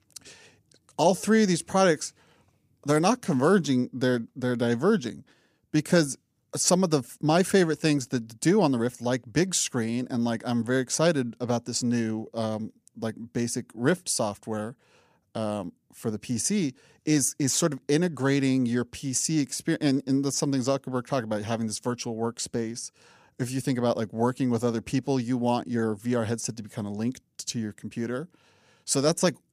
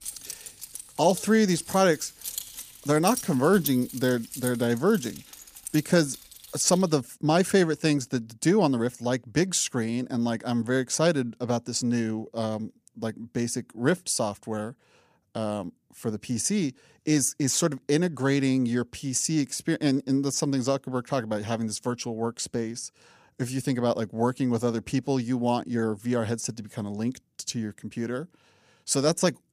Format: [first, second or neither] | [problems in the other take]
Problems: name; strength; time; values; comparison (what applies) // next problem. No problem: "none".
first | jangling keys; noticeable; until 6.5 s; peak 7 dB below the speech